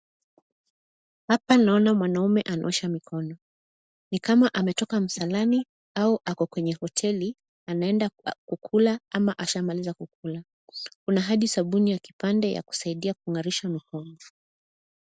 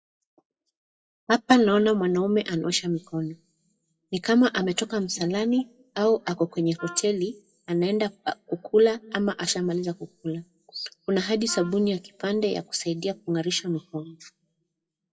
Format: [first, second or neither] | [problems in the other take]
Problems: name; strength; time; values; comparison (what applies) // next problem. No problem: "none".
first | noise reduction (classical method WPE with log-MMSE)